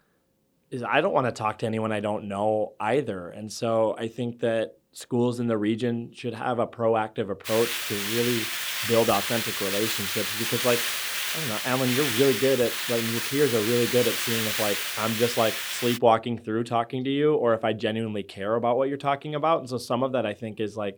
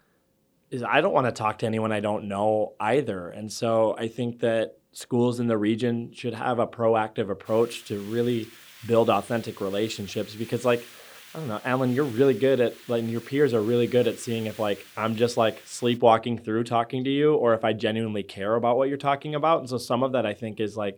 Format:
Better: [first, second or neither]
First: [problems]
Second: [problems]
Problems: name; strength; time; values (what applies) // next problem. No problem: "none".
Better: second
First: hiss; loud; from 7.5 to 16 s; 1 dB below the speech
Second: hiss; faint; from 7.5 to 16 s; 20 dB below the speech